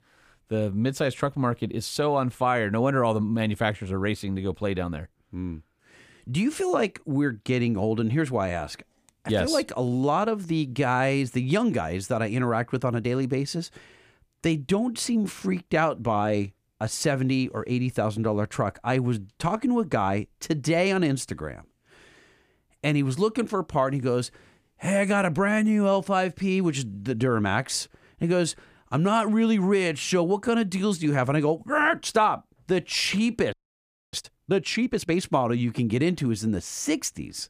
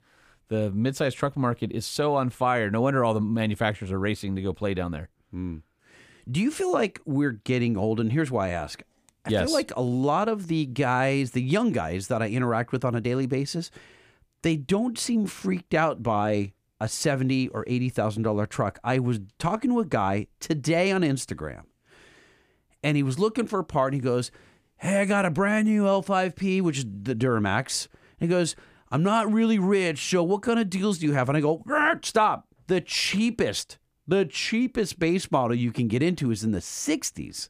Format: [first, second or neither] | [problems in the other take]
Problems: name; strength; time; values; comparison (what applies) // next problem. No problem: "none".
second | audio freezing; at 34 s for 0.5 s